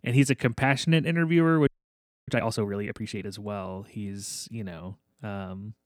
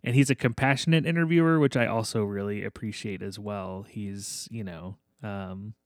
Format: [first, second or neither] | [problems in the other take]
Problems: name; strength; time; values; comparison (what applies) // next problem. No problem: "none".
second | audio freezing; at 1.5 s for 0.5 s